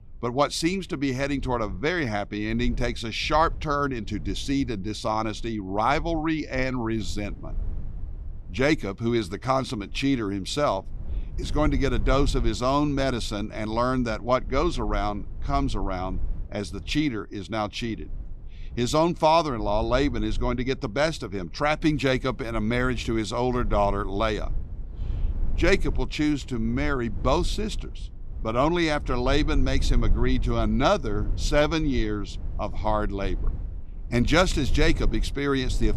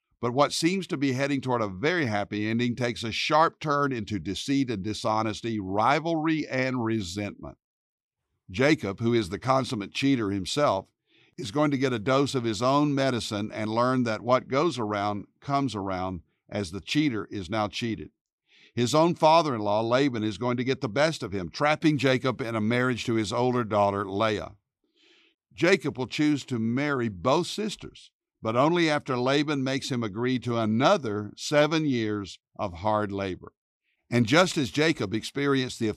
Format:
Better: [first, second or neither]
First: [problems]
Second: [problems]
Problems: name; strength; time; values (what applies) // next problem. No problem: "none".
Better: second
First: low rumble; faint; throughout; 25 dB below the speech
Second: none